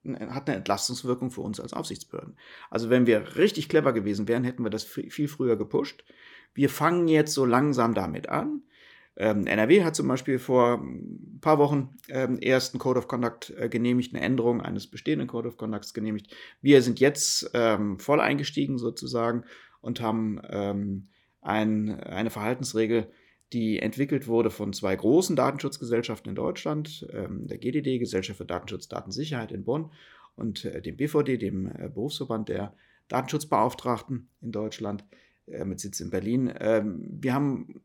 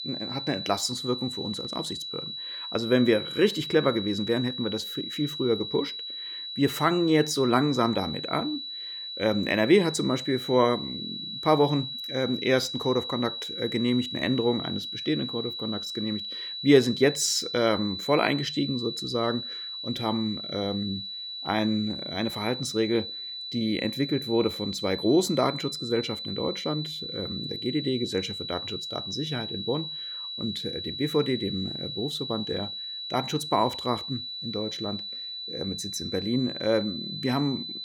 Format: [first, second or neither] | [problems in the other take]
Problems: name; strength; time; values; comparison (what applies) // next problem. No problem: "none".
first | high-pitched whine; loud; throughout; 4 kHz, 6 dB below the speech